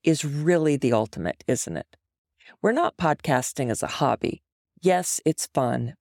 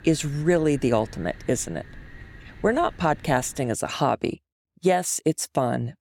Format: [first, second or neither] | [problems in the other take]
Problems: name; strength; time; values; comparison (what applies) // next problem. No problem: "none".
first | wind noise on the microphone; occasional gusts; until 3.5 s; 25 dB below the speech